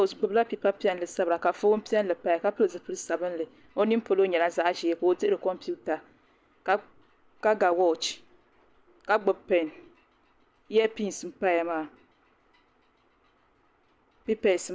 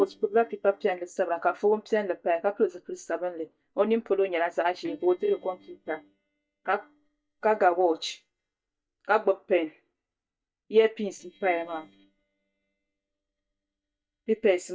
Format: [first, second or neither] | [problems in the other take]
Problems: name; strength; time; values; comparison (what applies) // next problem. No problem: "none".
first | noise reduction (neural mask model DeepFilterNet 3)